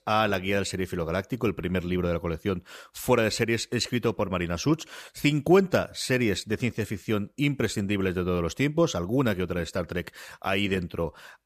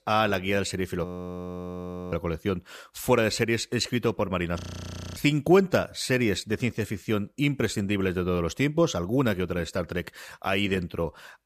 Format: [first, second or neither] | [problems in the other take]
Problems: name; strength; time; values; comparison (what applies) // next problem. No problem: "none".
first | audio freezing; at 1 s for 1 s and at 4.5 s for 0.5 s